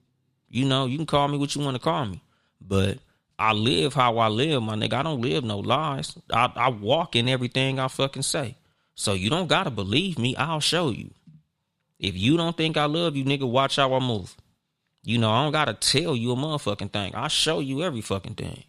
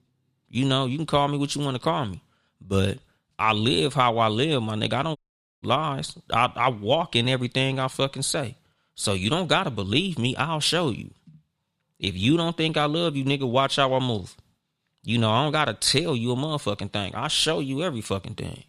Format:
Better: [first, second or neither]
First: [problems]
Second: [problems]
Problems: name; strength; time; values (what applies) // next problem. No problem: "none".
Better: first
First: none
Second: audio cutting out; at 5 s